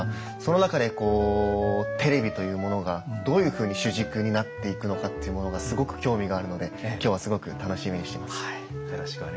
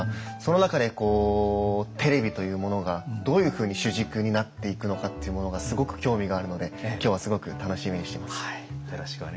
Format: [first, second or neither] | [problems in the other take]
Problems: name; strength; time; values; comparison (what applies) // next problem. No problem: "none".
second | background sound (Wind instrument, woodwind instrument); 12 dB below the speech